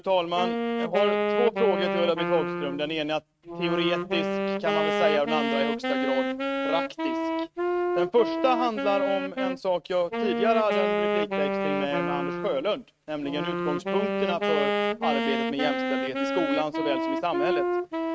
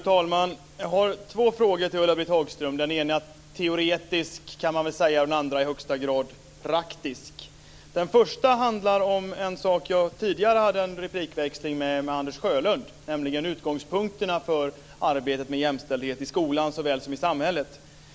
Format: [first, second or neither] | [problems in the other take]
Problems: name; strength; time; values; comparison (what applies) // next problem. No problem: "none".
second | noise reduction (neural mask model RNNoise)